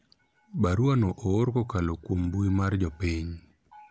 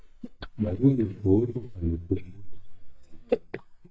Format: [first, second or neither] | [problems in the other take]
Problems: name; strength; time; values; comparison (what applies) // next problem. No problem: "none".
first | noise reduction (neural mask model DeepFilterNet 3)